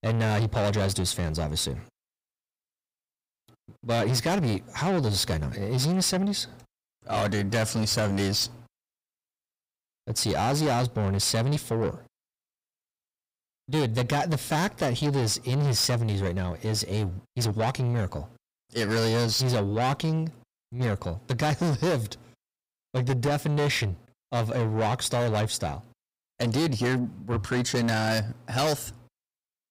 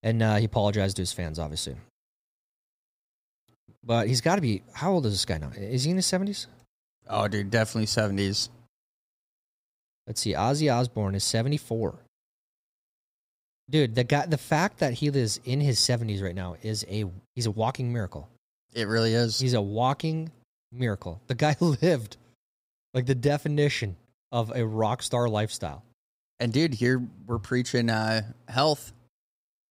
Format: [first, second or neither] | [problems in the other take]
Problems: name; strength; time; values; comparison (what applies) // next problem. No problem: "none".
second | distortion; heavy; 7 dB below the speech